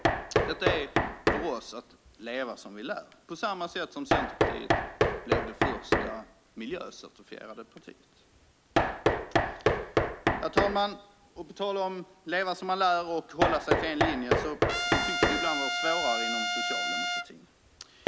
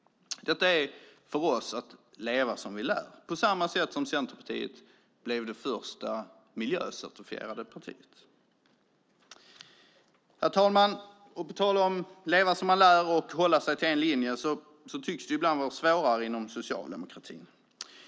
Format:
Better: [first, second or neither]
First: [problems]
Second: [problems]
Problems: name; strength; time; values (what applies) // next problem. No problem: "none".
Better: second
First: background sound (Knock + Trumpet); 4 dB above the speech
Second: none